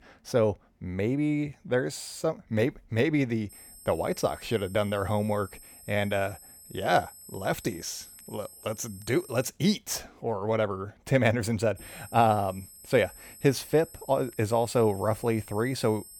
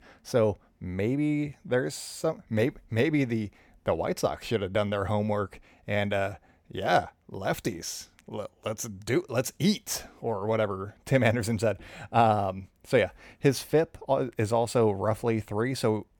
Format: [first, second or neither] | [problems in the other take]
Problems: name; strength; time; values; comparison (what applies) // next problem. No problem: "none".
second | high-pitched whine; noticeable; from 3.5 to 9.5 s and from 12 s on; 8 kHz, 20 dB below the speech